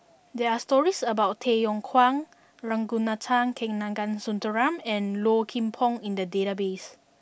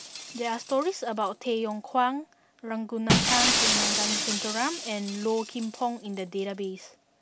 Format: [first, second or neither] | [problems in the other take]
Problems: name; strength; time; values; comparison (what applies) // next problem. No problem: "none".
first | background sound (Shatter); as loud as the speech